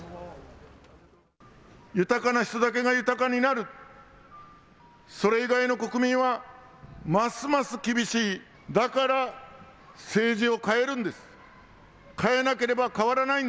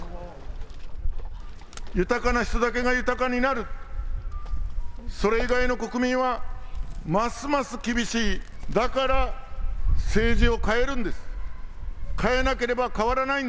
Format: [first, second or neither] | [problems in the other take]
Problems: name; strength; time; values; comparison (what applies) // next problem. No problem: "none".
first | background sound (Wind); 1 dB above the speech